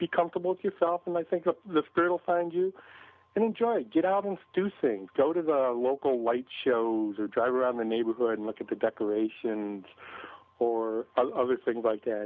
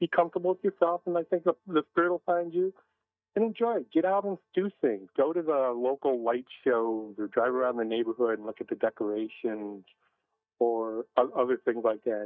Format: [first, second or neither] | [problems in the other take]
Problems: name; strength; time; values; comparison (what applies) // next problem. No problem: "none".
first | noise reduction (neural mask model DeepFilterNet 3)